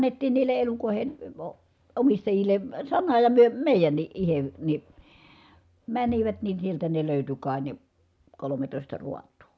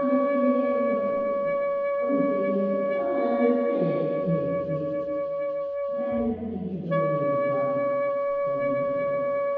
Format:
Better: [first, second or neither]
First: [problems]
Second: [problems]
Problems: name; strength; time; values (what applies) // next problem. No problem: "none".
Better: first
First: none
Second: background sound (Wind instrument, woodwind instrument); 4 dB above the speech // room echo; dies away in 1.9 s